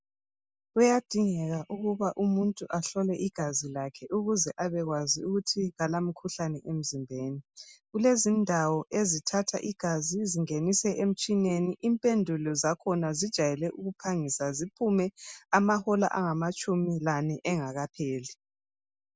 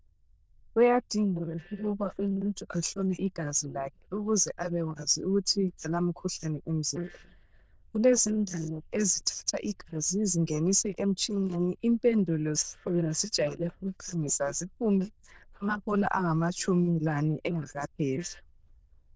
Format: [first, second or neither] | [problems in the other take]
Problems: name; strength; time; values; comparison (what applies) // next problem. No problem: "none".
first | noise reduction (neural diffusion model UNIVERSE++)